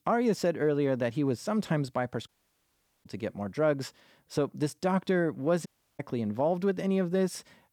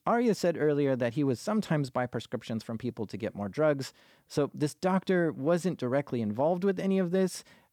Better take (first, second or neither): second